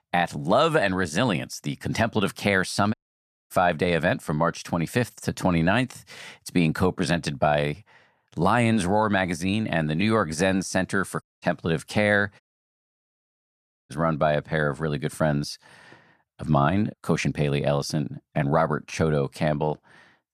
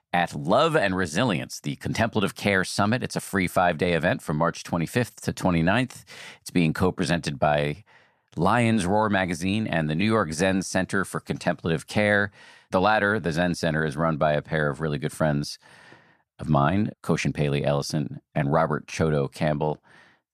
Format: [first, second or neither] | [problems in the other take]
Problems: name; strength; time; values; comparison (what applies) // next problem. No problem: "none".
second | audio cutting out; at 3 s for 0.5 s, at 11 s and at 12 s for 1.5 s